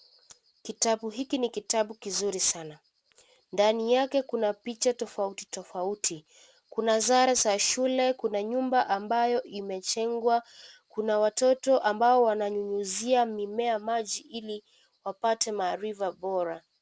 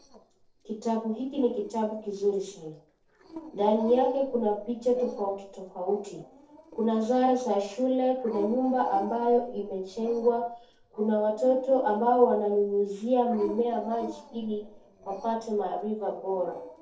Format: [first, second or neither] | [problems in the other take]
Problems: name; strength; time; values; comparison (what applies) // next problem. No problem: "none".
first | noise reduction (neural separator model SepFormer DNS4)